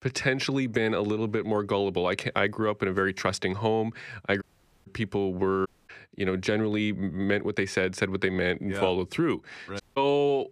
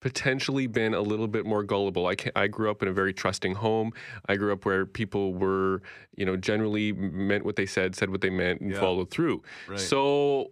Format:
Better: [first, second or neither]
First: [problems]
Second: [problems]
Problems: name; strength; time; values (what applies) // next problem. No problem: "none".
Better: second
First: audio cutting out; at 4.5 s, at 5.5 s and at 10 s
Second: none